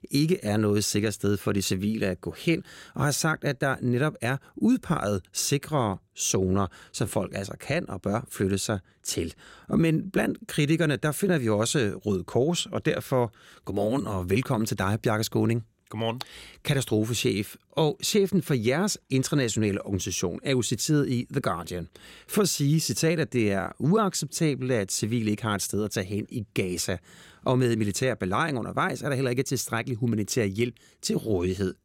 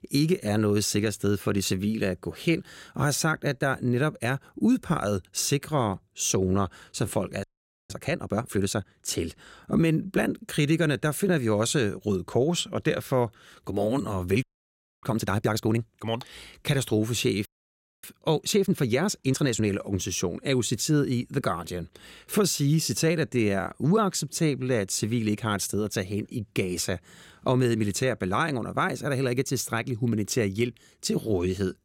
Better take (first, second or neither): first